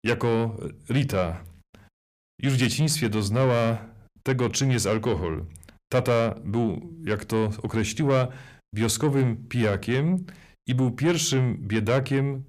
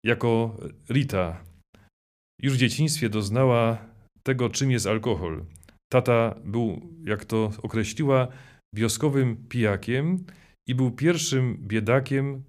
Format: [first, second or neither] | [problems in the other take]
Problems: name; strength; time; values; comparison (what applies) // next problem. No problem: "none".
second | distortion; slight; 10 dB below the speech